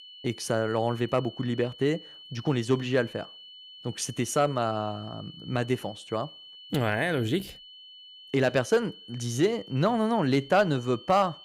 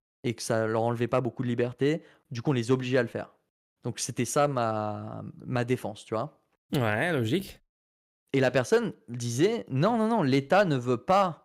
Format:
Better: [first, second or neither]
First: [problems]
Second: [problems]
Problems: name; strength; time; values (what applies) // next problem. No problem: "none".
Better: second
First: high-pitched whine; noticeable; throughout; 3 kHz, 15 dB below the speech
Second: none